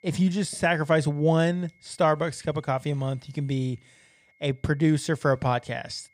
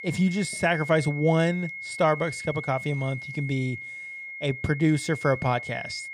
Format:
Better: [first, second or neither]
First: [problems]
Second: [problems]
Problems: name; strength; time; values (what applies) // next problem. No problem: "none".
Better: first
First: high-pitched whine; faint; throughout; 2 kHz, 35 dB below the speech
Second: high-pitched whine; loud; throughout; 2 kHz, 9 dB below the speech